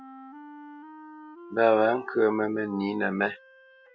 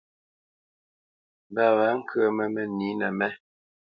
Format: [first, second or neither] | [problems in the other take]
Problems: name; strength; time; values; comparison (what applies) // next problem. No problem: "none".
second | background sound (Wind instrument, woodwind instrument); 18 dB below the speech